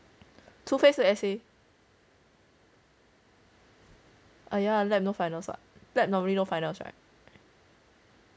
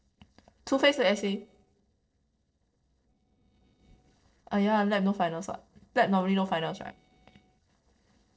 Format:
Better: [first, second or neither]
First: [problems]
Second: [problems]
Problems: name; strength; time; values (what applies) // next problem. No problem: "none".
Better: first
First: none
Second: noise reduction (neural separator model SepFormer DNS4)